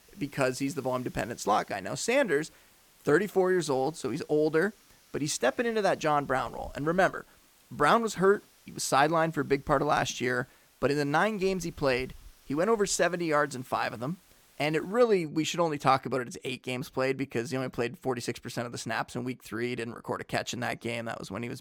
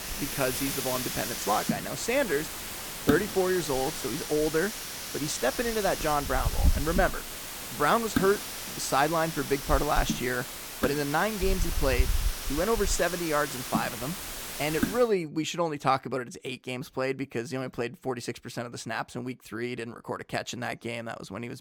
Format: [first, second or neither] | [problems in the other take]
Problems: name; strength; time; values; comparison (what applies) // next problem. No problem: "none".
first | hiss; loud; until 15 s; 3 dB below the speech; faint in the first